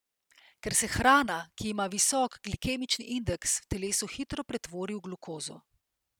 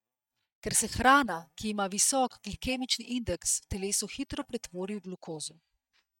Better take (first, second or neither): first